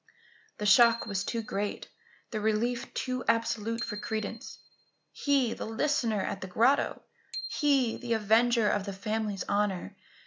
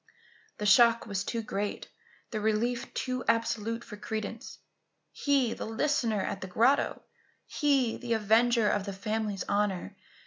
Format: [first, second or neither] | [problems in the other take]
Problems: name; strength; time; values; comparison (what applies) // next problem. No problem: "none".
second | background sound (Bicycle bell); 17 dB below the speech